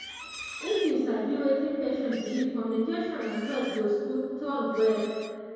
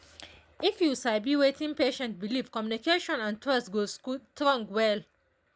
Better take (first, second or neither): second